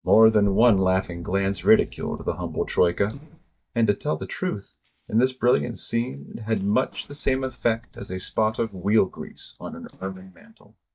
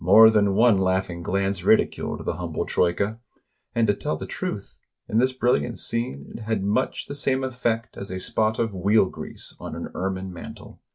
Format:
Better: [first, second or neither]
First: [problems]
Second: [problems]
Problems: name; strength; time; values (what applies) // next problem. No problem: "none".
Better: second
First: noise reduction (neural mask model DeepFilterNet 3)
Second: none